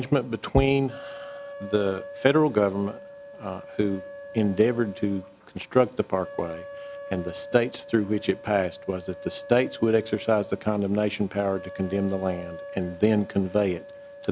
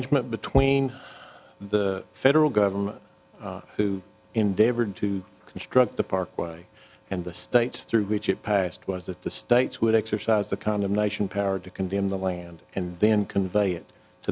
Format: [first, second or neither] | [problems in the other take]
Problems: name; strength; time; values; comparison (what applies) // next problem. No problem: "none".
second | background sound (Wind instrument, woodwind instrument); 16 dB below the speech